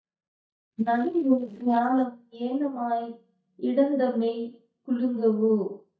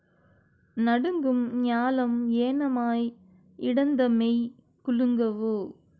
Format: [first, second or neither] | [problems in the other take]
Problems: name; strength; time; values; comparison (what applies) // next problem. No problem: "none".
second | noise reduction (neural mask model DeepFilterNet 3)